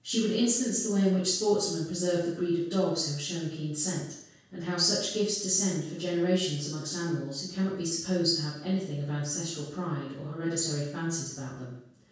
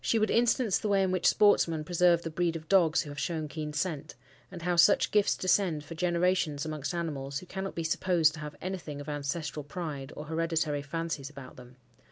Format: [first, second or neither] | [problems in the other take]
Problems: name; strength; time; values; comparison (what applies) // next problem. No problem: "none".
second | room echo; dies away in 0.6 s